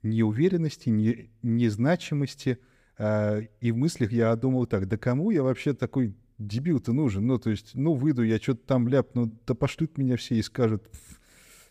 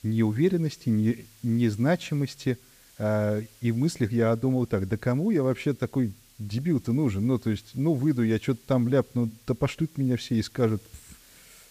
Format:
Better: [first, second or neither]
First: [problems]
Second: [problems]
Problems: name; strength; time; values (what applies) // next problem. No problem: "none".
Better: first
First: none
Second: hiss; faint; throughout; 25 dB below the speech